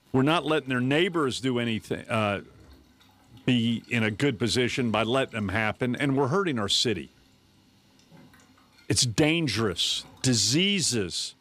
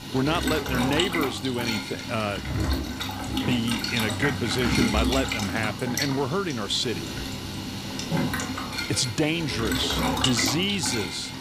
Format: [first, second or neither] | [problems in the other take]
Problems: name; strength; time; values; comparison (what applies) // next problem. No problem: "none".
first | household noises; loud; throughout; 1 dB below the speech; faint in the first